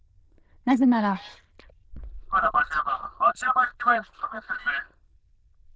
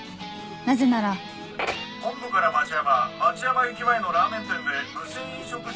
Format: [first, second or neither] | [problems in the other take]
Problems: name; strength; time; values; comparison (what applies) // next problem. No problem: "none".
second | noise reduction (neural diffusion model UNIVERSE++)